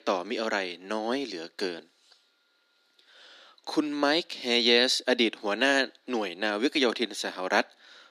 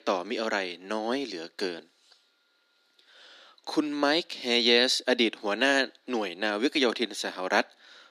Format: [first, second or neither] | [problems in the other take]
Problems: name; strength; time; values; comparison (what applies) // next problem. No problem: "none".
neither | thin; very slightly; fading below 250 Hz; the same in both